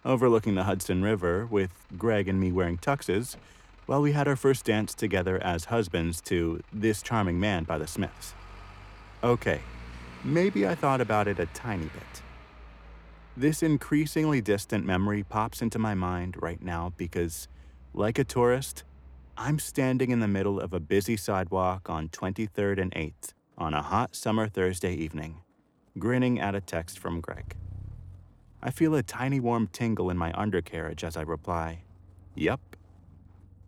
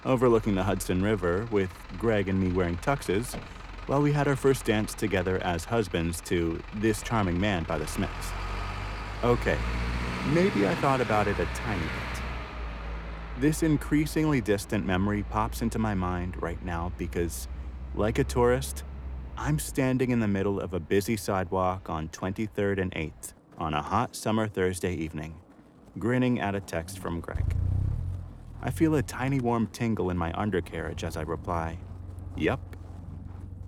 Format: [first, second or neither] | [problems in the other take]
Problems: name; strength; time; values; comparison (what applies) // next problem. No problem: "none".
first | traffic noise; loud; throughout; 9 dB below the speech; faint in the first